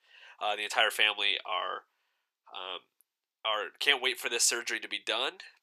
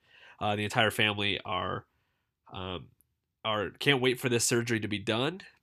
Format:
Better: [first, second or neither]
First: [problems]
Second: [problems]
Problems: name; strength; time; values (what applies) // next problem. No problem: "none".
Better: second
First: thin; very; fading below 550 Hz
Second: none